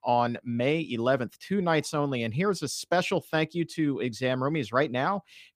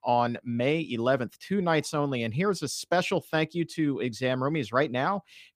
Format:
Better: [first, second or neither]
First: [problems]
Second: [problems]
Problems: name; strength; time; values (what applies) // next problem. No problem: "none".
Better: neither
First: none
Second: none